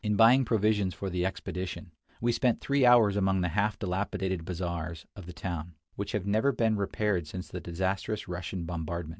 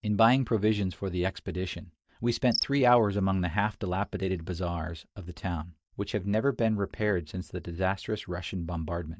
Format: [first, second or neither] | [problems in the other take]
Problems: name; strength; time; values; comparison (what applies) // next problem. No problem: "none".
first | noise reduction (neural mask model DeepFilterNet 3)